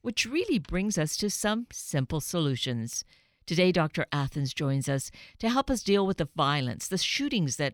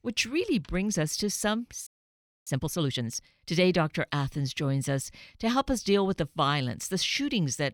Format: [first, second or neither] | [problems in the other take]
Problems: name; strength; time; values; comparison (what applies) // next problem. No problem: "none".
first | audio freezing; at 2 s for 0.5 s